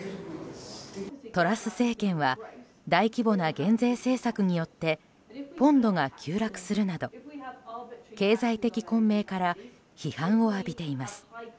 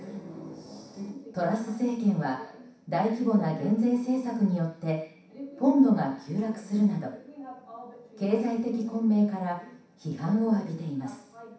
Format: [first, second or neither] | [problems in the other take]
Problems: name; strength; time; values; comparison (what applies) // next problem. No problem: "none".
first | room echo; dies away in 0.7 s